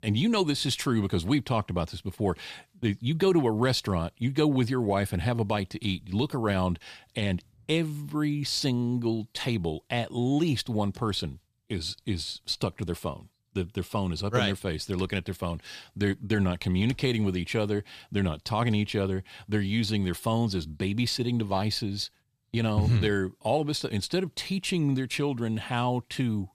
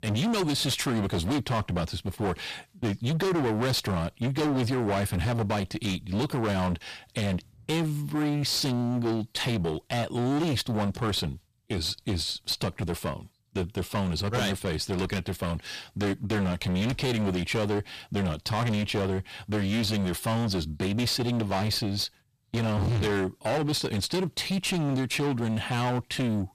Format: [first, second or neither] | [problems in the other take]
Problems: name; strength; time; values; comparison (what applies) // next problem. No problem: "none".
first | distortion; heavy; 24% of the sound clipped